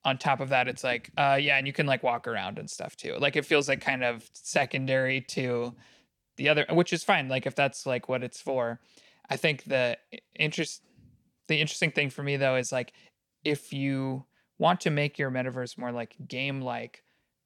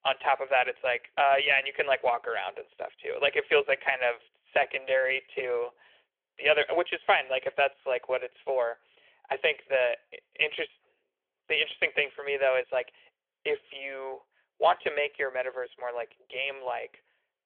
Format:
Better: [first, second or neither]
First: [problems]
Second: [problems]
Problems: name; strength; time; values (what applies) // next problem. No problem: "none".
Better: first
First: none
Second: phone-call audio